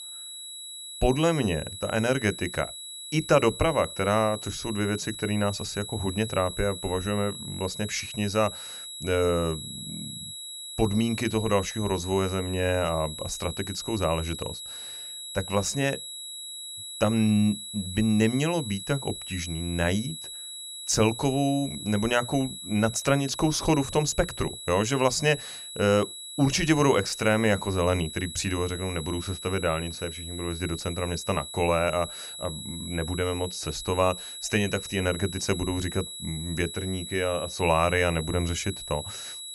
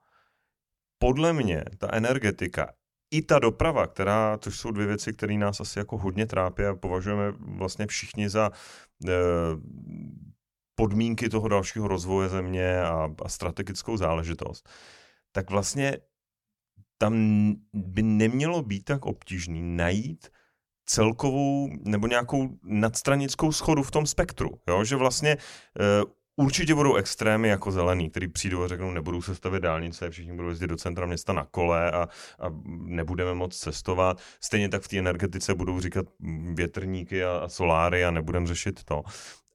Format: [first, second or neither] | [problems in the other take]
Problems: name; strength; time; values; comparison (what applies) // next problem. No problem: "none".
second | high-pitched whine; loud; throughout; 4 kHz, 9 dB below the speech